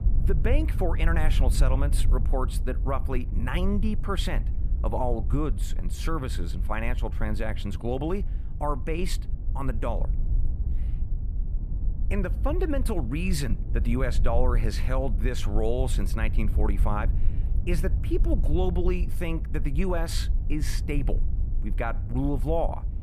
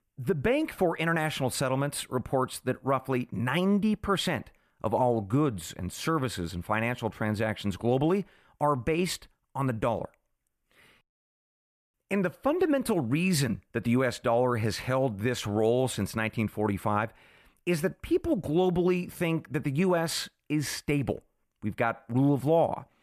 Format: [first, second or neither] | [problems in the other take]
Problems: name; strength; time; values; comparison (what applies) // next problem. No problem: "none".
second | wind noise on the microphone; occasional gusts; 15 dB below the speech